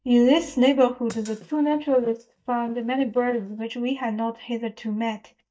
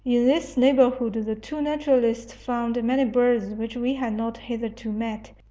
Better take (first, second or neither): second